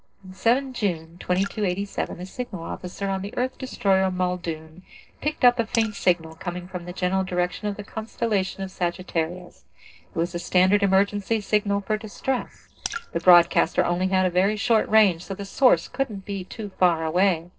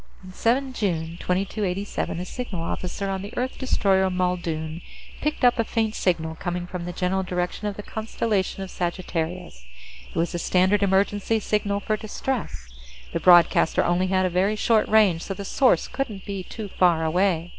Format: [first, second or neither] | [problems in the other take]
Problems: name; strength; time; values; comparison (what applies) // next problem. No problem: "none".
second | noise reduction (neural separator model SepFormer DNS4)